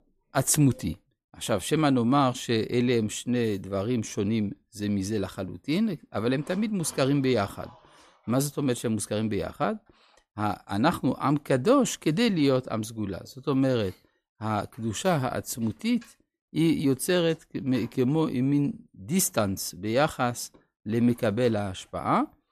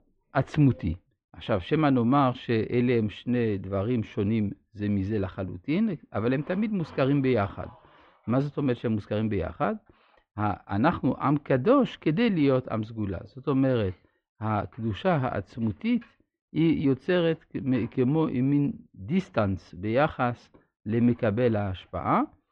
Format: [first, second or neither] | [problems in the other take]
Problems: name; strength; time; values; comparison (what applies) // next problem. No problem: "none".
first | muffled; very; fading above 3 kHz